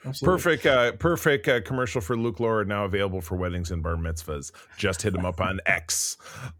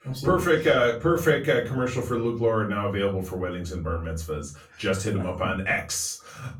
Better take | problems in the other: first | off-mic speech; far // room echo; slight; dies away in 0.3 s

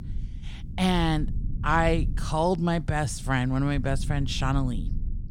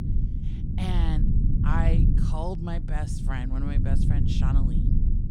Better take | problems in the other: first | low rumble; loud; throughout; 2 dB below the speech; faint in the first

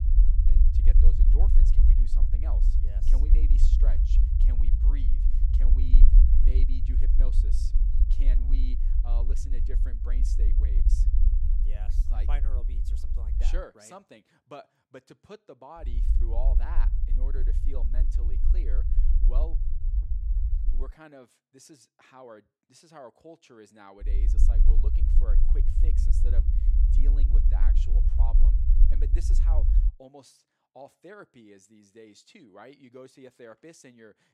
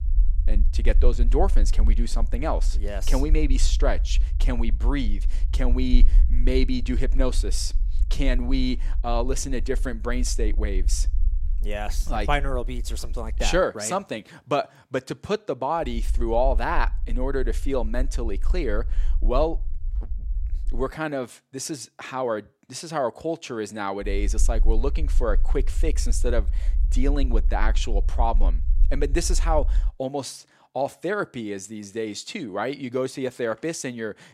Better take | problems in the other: second | low rumble; loud; until 14 s, from 16 to 21 s and from 24 to 30 s; 1 dB below the speech; faint in the second

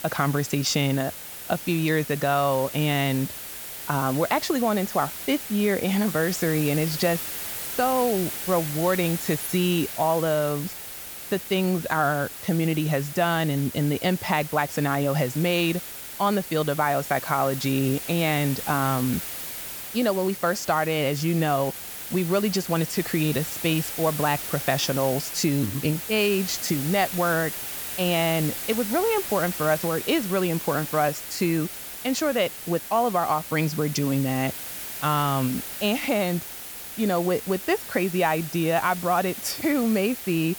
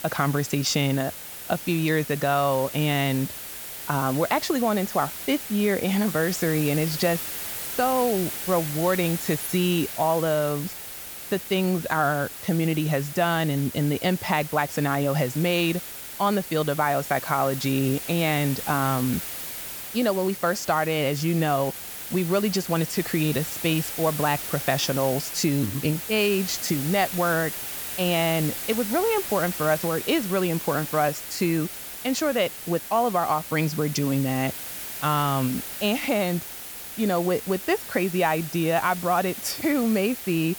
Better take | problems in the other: neither | hiss; loud; throughout; 7 dB below the speech; the same in both

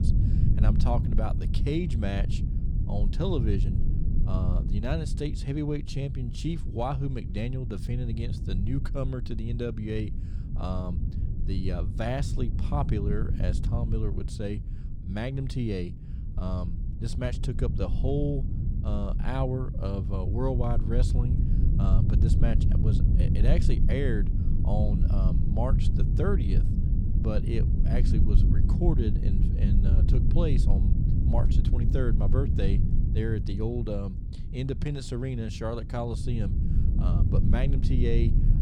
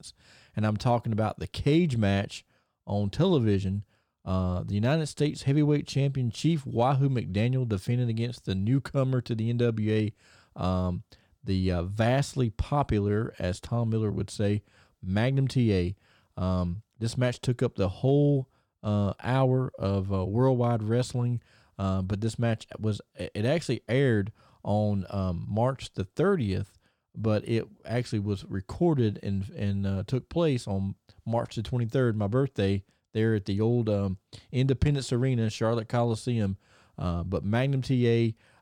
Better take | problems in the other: second | low rumble; loud; throughout; 5 dB below the speech

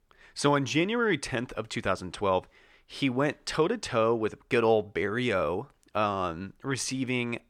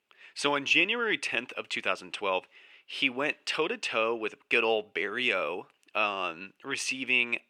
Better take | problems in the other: first | thin; very slightly; fading below 300 Hz

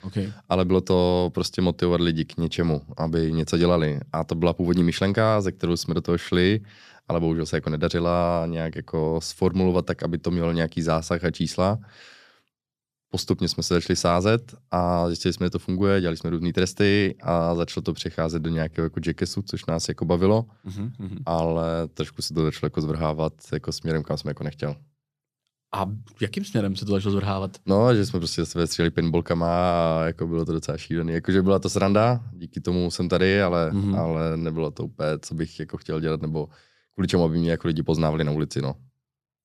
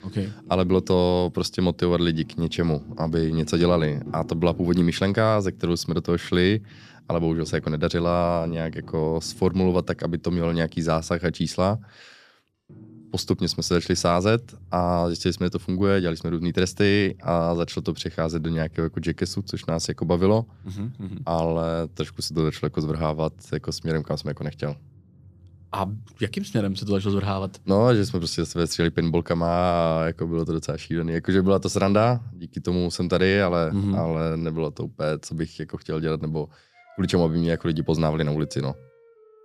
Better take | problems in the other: first | background music; faint; throughout; 20 dB below the speech

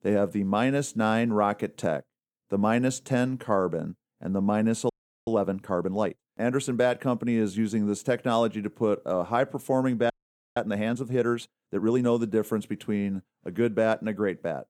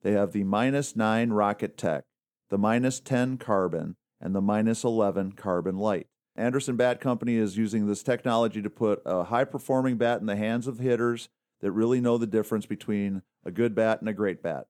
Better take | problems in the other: second | audio freezing; at 5 s and at 10 s

